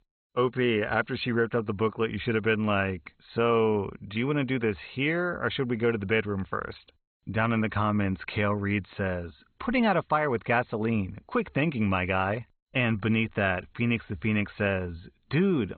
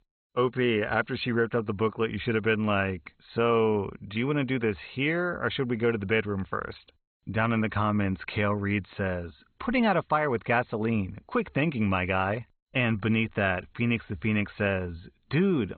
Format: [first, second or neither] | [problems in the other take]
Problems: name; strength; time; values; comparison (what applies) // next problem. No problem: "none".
neither | garbled, watery; badly; nothing above 4 kHz; the same in both